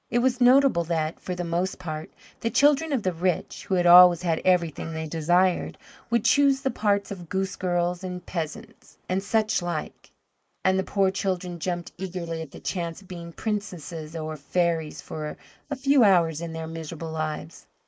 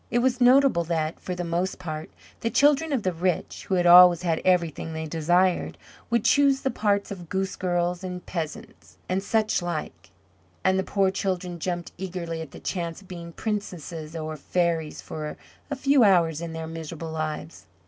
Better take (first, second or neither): second